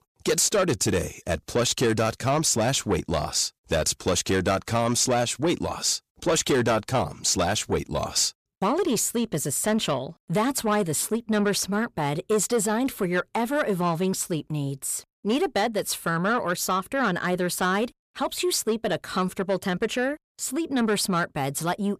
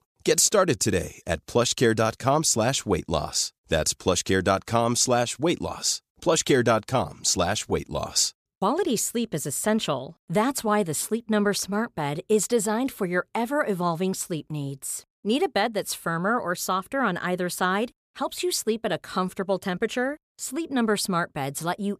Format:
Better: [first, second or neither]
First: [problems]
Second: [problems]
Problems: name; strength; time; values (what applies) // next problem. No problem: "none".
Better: second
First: distortion; slight; 10 dB below the speech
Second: none